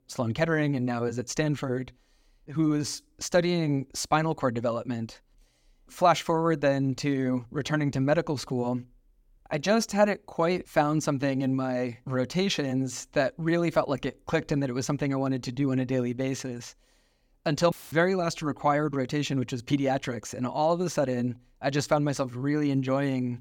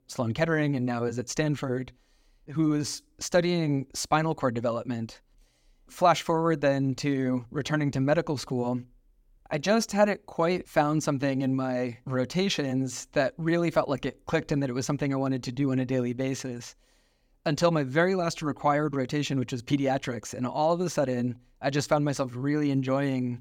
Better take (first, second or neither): second